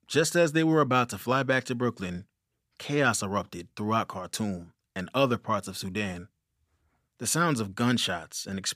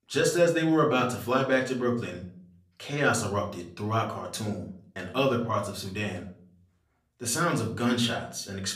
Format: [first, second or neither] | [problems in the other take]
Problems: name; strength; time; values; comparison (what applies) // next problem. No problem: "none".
first | room echo; slight; dies away in 0.4 s // off-mic speech; far